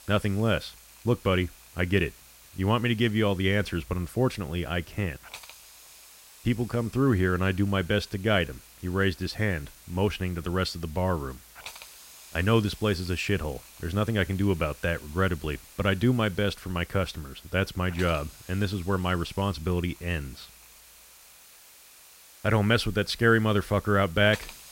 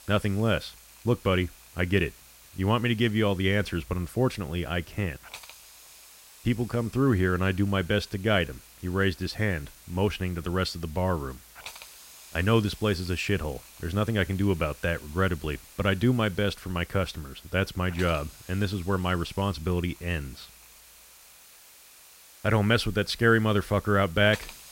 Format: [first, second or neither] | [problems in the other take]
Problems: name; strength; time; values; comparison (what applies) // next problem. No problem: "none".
neither | hiss; faint; throughout; 20 dB below the speech; the same in both